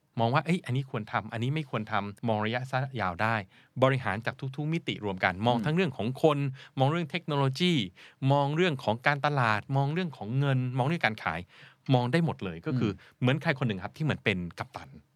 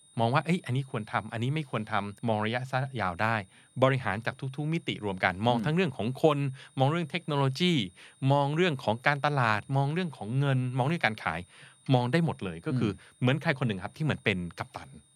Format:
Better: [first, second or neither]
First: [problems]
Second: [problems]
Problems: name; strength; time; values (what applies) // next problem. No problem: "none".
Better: first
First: none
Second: high-pitched whine; faint; throughout; 9 kHz, 30 dB below the speech